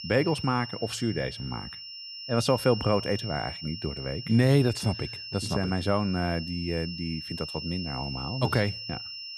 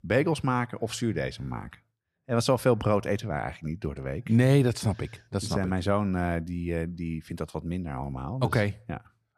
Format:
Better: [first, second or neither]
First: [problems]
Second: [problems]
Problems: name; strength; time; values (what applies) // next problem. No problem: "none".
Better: second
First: high-pitched whine; loud; throughout; 5.5 kHz, 8 dB below the speech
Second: none